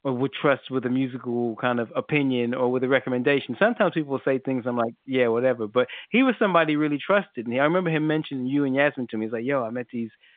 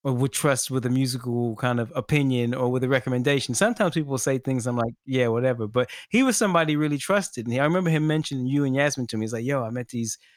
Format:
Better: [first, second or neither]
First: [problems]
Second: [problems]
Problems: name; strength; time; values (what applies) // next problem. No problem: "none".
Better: second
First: phone-call audio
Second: none